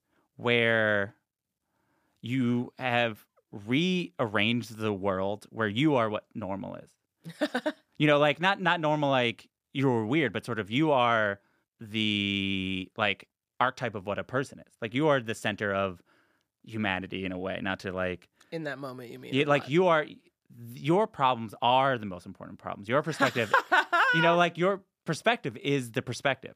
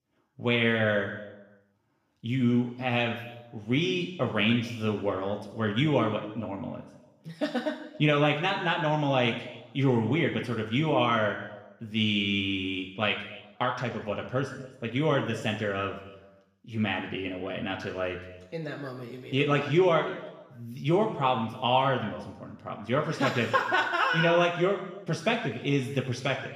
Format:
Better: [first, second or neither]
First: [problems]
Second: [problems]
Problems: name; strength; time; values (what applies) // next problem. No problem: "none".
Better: first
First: none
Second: room echo; noticeable; dies away in 1 s // off-mic speech; somewhat distant